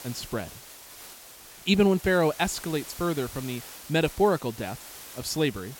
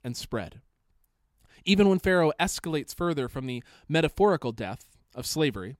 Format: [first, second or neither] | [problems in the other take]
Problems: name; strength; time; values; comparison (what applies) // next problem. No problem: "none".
second | hiss; noticeable; throughout; 15 dB below the speech